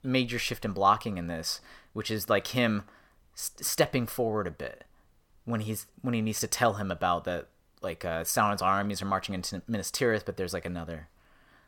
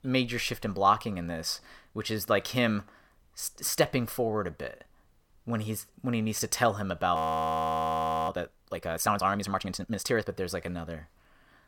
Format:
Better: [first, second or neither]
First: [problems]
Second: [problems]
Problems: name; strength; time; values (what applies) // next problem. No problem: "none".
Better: first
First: none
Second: audio freezing; at 7 s for 1 s